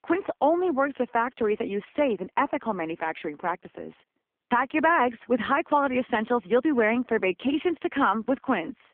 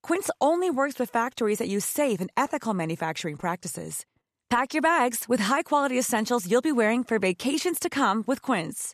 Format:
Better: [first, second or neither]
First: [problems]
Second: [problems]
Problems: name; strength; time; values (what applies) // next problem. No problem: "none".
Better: second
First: phone-call audio; poor line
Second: none